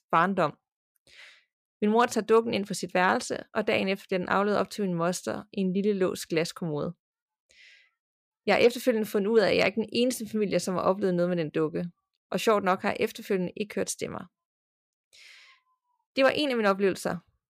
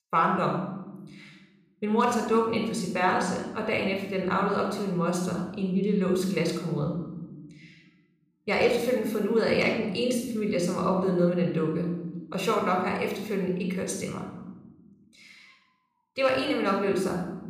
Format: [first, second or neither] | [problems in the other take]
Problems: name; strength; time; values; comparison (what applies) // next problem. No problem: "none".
first | off-mic speech; somewhat distant // room echo; noticeable; dies away in 1.1 s